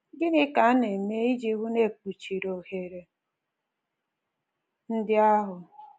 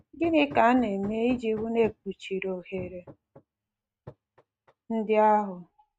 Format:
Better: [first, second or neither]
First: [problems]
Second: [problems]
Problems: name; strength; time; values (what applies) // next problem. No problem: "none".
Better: first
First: none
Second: noise reduction (neural mask model RNNoise)